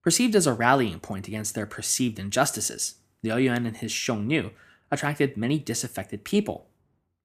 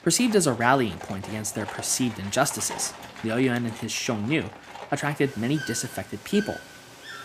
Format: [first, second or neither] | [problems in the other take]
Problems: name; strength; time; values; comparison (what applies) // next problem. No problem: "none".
first | animal sounds; noticeable; throughout; 15 dB below the speech